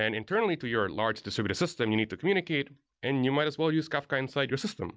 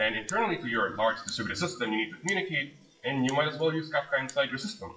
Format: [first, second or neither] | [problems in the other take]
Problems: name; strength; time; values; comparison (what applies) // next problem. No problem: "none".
first | noise reduction (classical method WPE with log-MMSE)